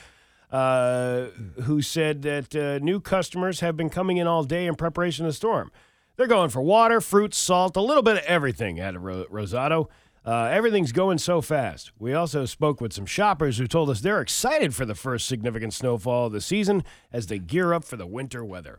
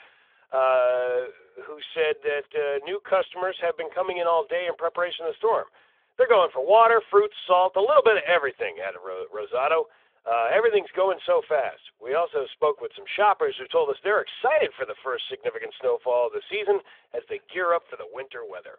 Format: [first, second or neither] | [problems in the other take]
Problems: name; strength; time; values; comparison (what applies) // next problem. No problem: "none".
first | phone-call audio; nothing above 3.5 kHz